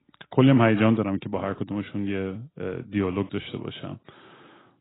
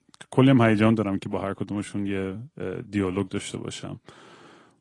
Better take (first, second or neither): second